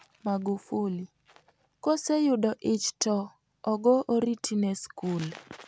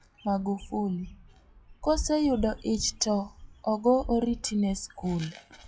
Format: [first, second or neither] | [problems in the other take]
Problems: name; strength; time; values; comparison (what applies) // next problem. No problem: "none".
first | noise reduction (classical method WPE with log-MMSE)